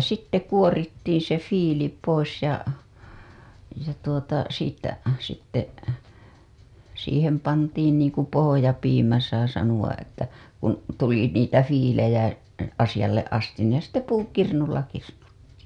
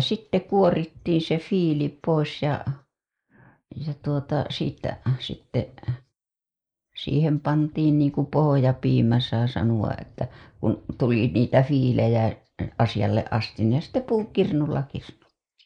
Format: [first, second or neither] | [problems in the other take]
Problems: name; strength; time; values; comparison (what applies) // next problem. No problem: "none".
first | noise reduction (neural mask model Resemble Enhance denoiser)